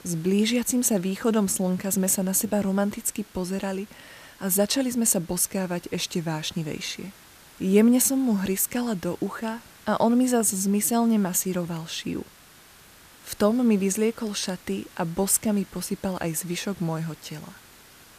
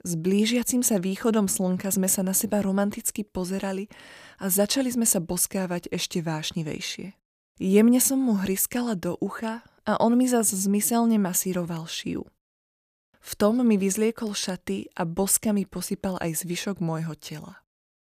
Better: second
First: hiss; faint; throughout; 25 dB below the speech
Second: none

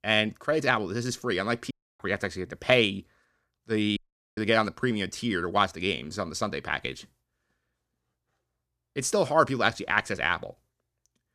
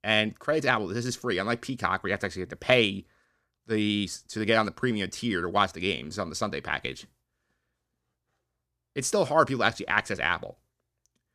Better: second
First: audio cutting out; at 1.5 s and at 4 s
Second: none

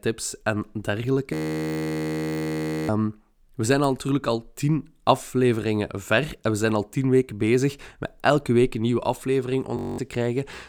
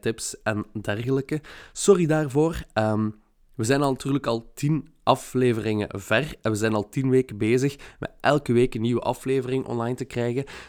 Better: second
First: audio freezing; at 1.5 s for 1.5 s and at 10 s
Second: none

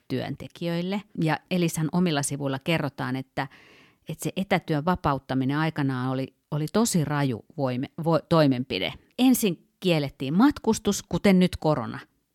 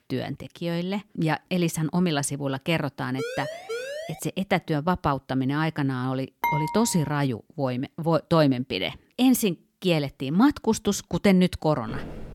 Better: first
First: none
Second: siren; noticeable; from 3 to 4 s; peak 7 dB below the speech // clattering dishes; noticeable; at 6.5 s; peak 2 dB below the speech // footsteps; faint; at 12 s; peak 10 dB below the speech

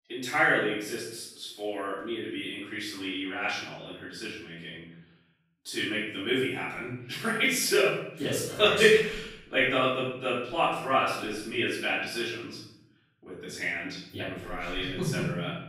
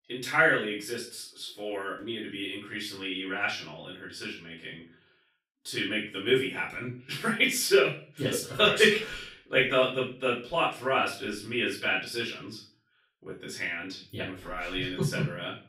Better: second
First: room echo; strong; dies away in 0.7 s // off-mic speech; far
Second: room echo; slight; dies away in 0.3 s // off-mic speech; far

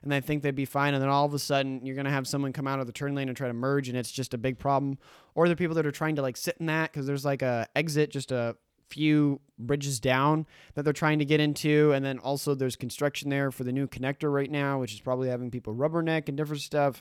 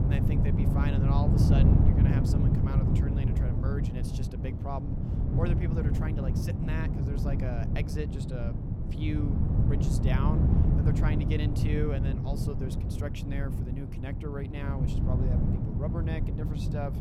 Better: first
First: none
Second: wind noise on the microphone; heavy; 1 dB above the speech

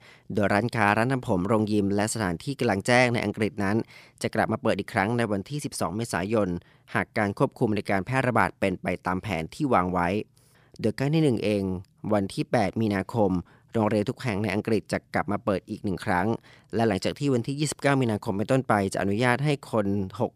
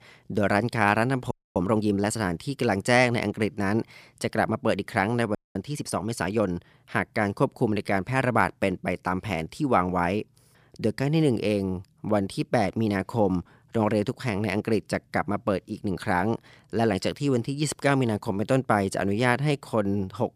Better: first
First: none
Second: audio freezing; at 1.5 s and at 5.5 s

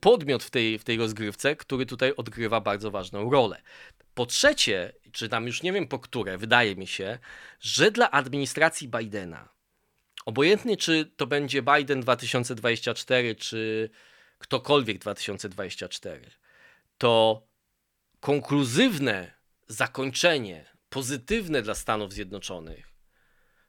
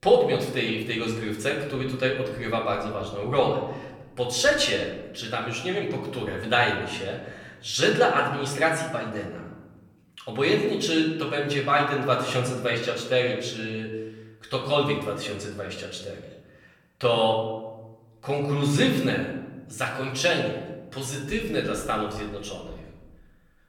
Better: first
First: none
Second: off-mic speech; far // room echo; noticeable; dies away in 1.1 s

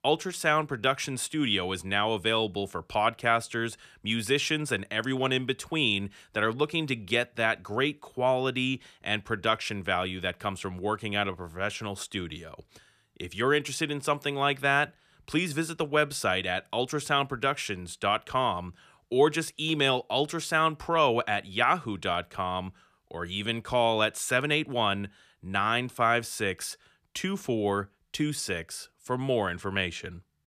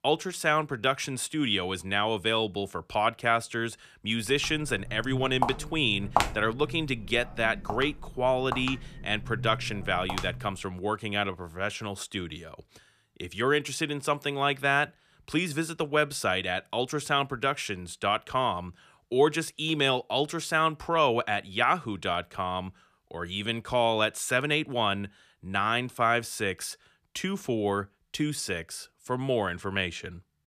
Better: first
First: none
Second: footsteps; loud; from 5 to 10 s; peak 1 dB above the speech

